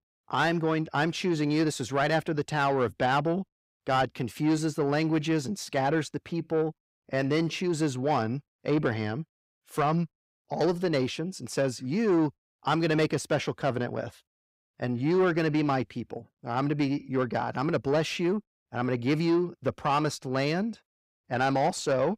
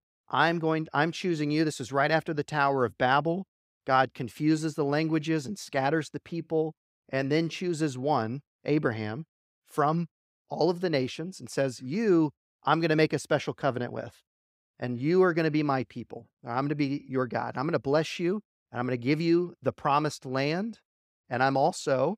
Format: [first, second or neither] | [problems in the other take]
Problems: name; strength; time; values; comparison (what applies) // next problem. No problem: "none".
second | distortion; slight; 10 dB below the speech